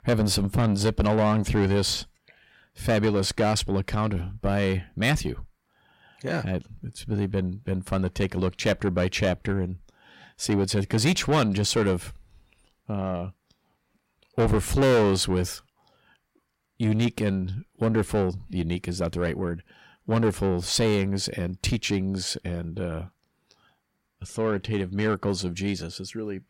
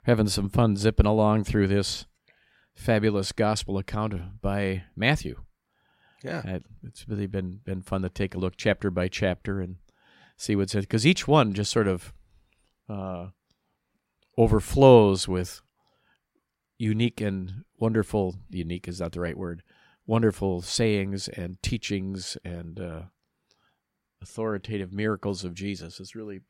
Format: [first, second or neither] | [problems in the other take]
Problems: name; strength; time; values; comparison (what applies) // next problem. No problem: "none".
second | distortion; heavy; 6 dB below the speech